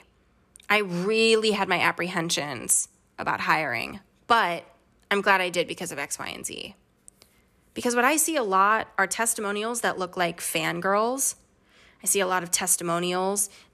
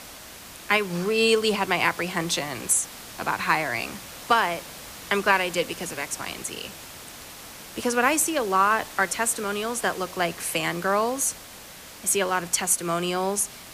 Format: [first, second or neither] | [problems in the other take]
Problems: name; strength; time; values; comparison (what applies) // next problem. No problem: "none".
first | hiss; noticeable; throughout; 15 dB below the speech